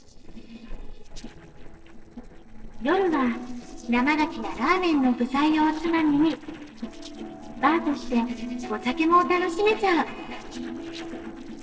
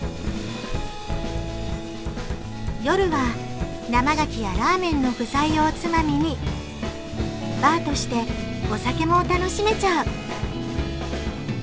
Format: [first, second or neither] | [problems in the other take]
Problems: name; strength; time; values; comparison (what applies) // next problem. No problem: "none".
second | noise reduction (neural separator model SepFormer DNS4)